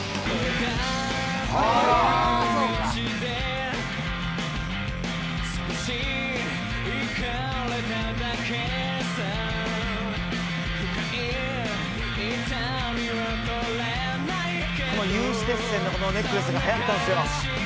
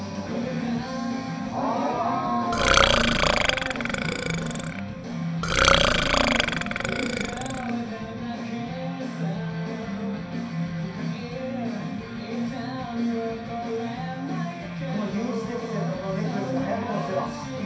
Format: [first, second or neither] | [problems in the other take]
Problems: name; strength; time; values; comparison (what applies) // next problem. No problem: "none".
first | background sound (Burping, eructation); 5 dB above the speech // room echo; dies away in 0.6 s